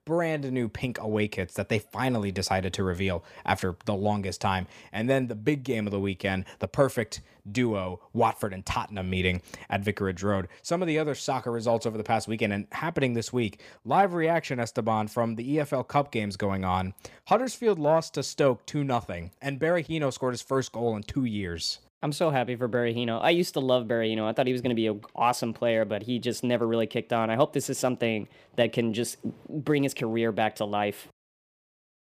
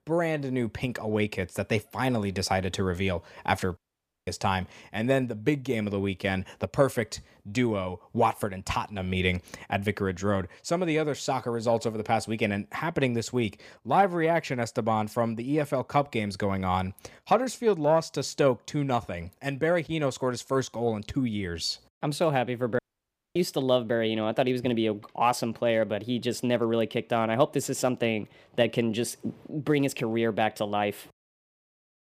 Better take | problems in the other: first | audio cutting out; at 4 s and at 23 s for 0.5 s

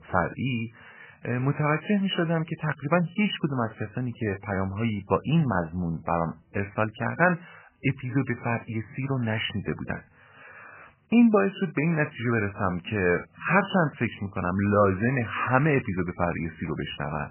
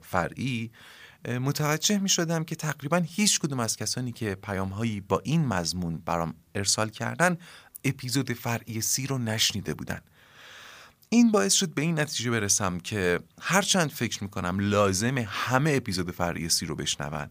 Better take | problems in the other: second | garbled, watery; badly; nothing above 3 kHz

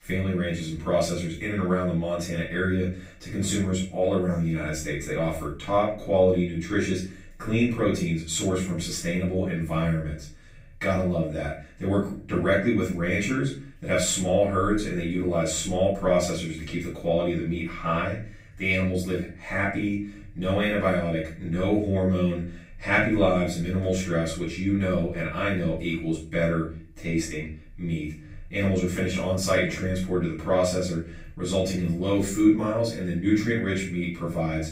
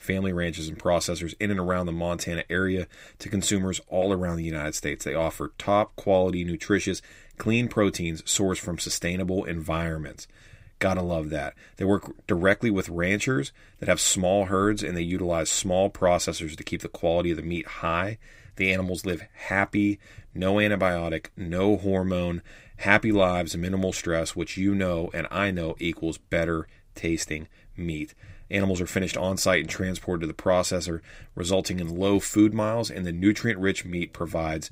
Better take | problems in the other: second | room echo; noticeable; dies away in 0.4 s // off-mic speech; far

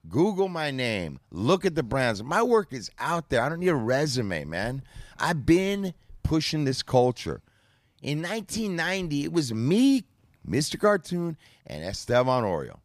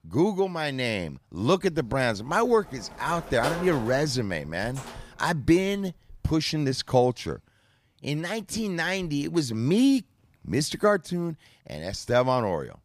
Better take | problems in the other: first | door banging; noticeable; from 2.5 to 5 s; peak 6 dB below the speech

